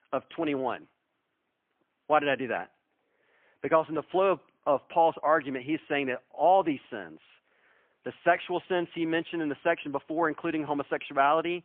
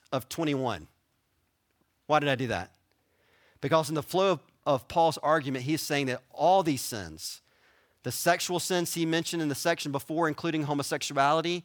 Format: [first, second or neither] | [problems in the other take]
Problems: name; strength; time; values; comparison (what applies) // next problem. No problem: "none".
second | phone-call audio; poor line; nothing above 3.5 kHz